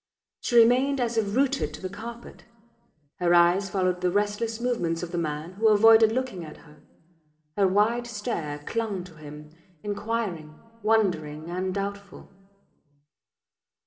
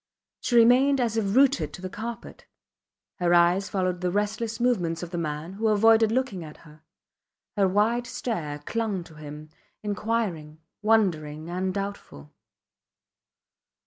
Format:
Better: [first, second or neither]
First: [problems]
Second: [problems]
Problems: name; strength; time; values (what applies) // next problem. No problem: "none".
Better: second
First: room echo; dies away in 2.6 s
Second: none